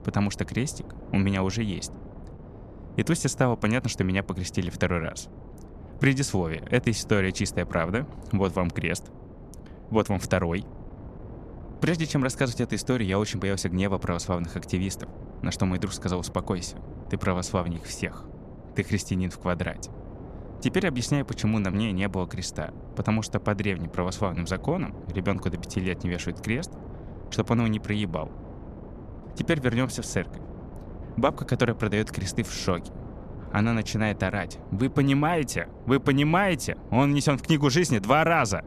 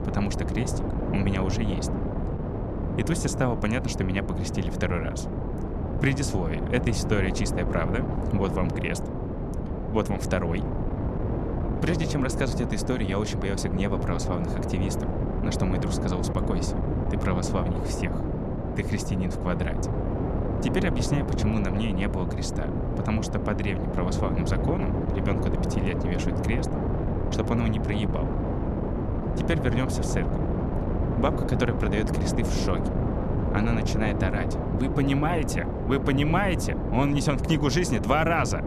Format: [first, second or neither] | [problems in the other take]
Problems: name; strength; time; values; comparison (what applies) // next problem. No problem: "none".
first | wind noise on the microphone; heavy; 3 dB below the speech; occasional gusts in the first